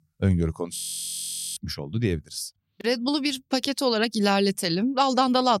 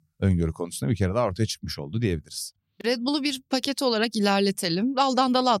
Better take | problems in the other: second | audio freezing; at 1 s for 1 s

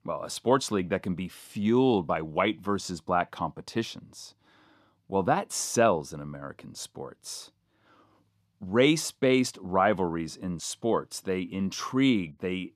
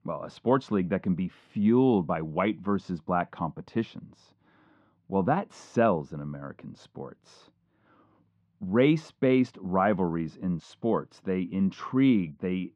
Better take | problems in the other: first | muffled; very; fading above 2.5 kHz

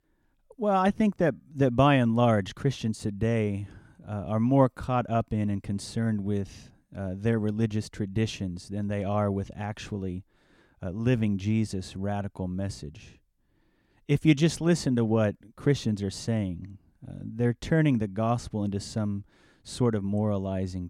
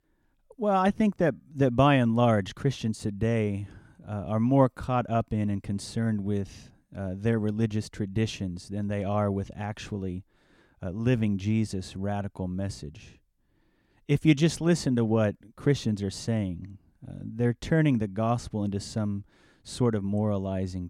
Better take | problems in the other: neither | none

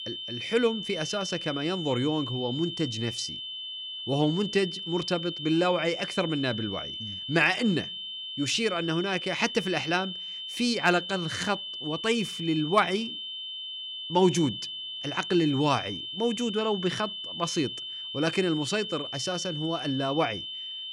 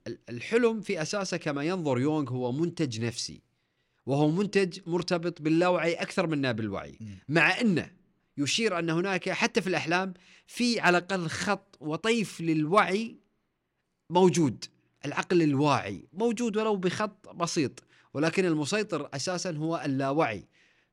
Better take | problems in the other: second | high-pitched whine; loud; throughout; 3 kHz, 6 dB below the speech

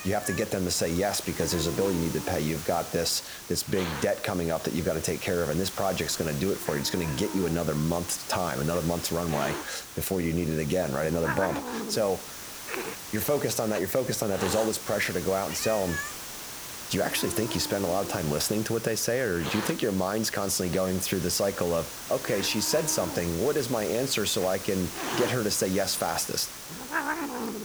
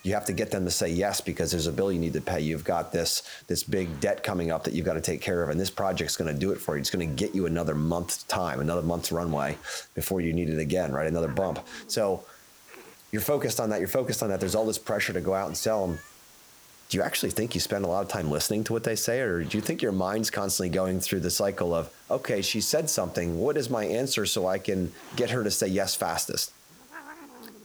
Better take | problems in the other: second | hiss; loud; throughout; 8 dB below the speech; faint in the second

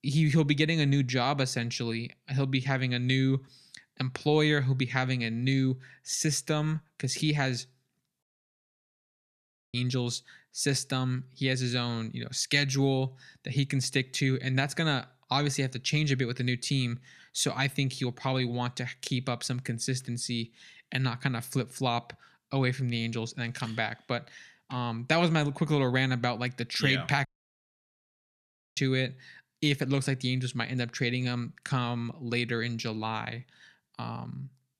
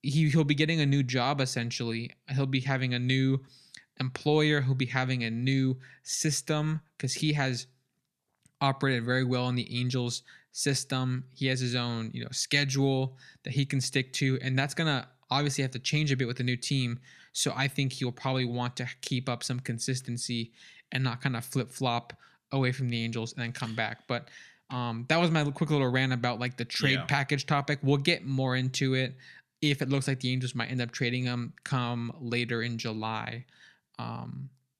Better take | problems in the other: second | audio cutting out; at 8 s for 1.5 s and at 27 s for 1.5 s

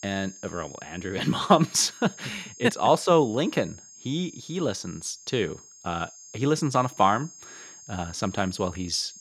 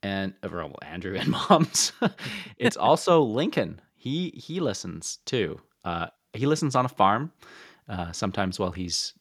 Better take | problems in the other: second | high-pitched whine; noticeable; throughout; 6.5 kHz, 20 dB below the speech

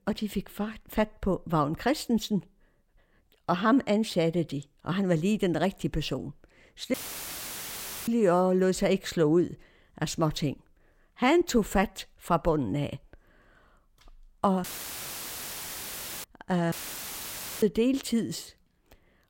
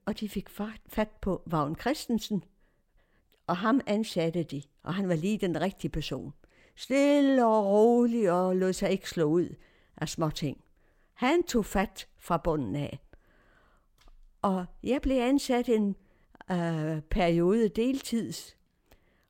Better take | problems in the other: second | audio cutting out; filled with static; at 7 s for 1 s, at 15 s for 1.5 s and at 17 s for 1 s

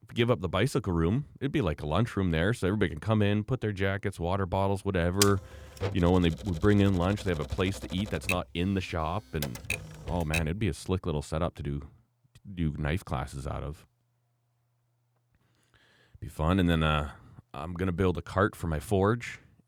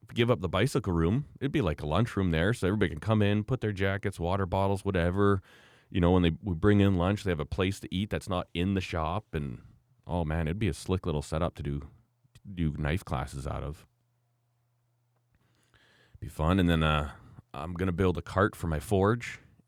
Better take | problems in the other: second | keyboard typing; loud; from 5 to 10 s; peak level with the speech

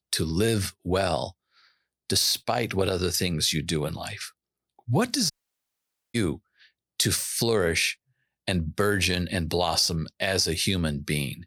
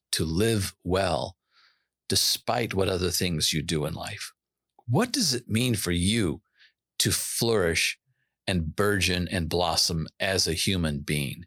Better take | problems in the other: second | audio cutting out; at 5.5 s for 1 s

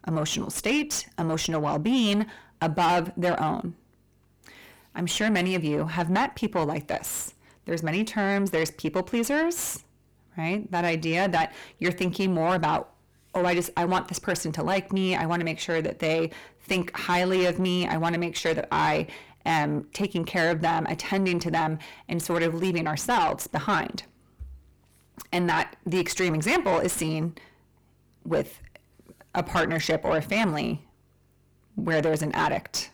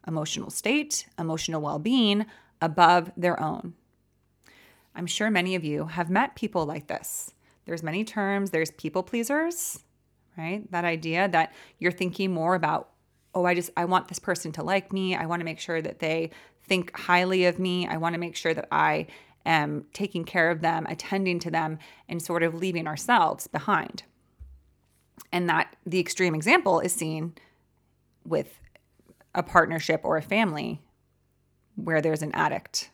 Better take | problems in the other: second | distortion; heavy; 6 dB below the speech

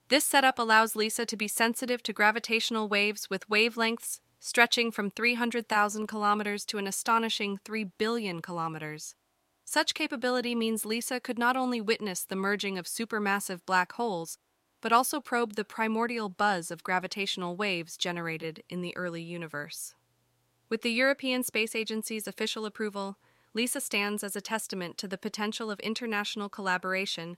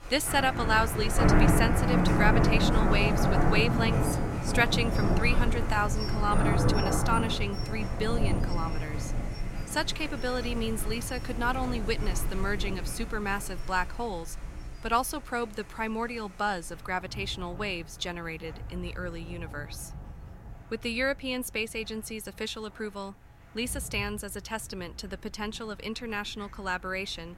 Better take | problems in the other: first | rain or running water; very loud; throughout; 2 dB above the speech

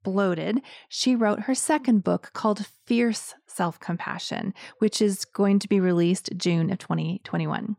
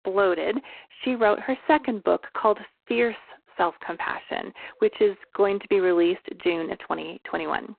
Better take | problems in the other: first | phone-call audio; poor line; nothing above 4 kHz

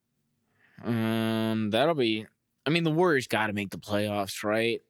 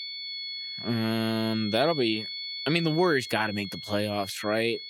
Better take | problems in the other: first | high-pitched whine; loud; throughout; 4.5 kHz, 8 dB below the speech

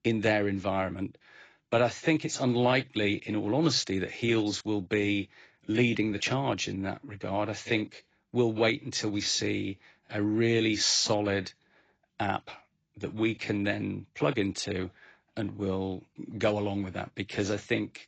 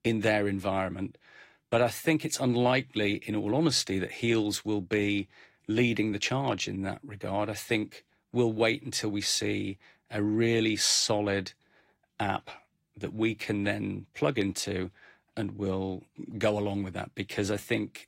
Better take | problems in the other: second | garbled, watery; badly; nothing above 7.5 kHz; slightly in the second

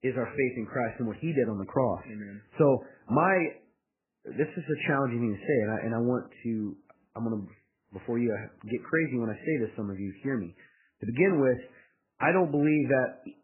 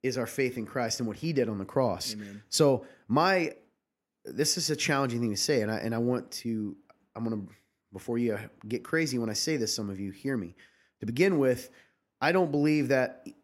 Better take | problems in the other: second | garbled, watery; badly; nothing above 2.5 kHz

